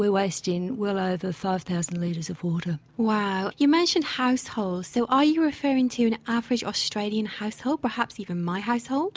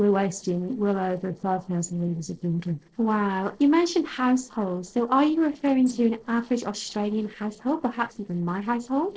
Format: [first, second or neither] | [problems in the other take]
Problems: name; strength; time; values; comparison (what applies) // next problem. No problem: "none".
first | noise reduction (neural separator model SepFormer DNS4)